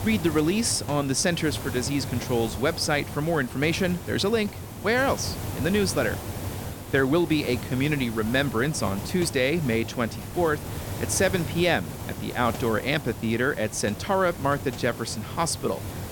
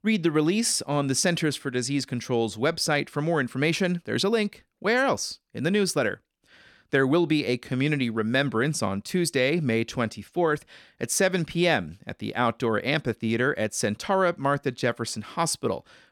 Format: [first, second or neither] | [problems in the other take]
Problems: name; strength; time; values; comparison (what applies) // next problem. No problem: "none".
second | hiss; loud; throughout; 9 dB below the speech